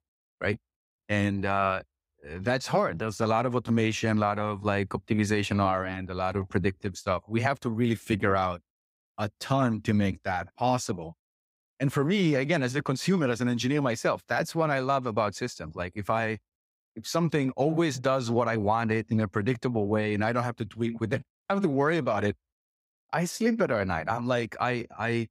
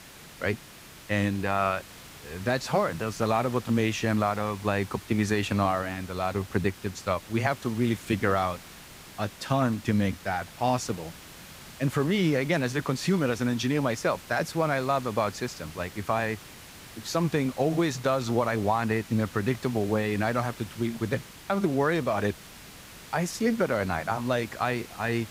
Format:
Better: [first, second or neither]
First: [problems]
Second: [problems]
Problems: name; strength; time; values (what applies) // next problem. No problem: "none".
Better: first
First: none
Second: hiss; noticeable; throughout; 15 dB below the speech